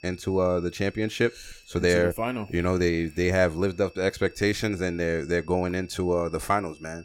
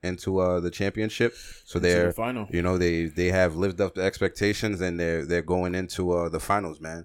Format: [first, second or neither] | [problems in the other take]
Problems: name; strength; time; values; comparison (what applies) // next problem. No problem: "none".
second | high-pitched whine; faint; throughout; 2.5 kHz, 30 dB below the speech